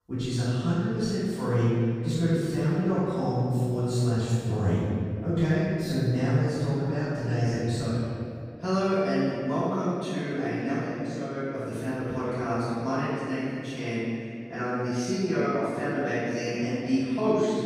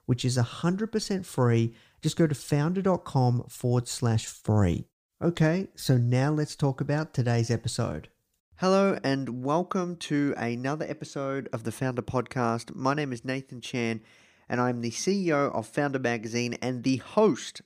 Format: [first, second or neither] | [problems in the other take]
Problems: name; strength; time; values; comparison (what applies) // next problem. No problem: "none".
second | off-mic speech; far // room echo; strong; dies away in 2.5 s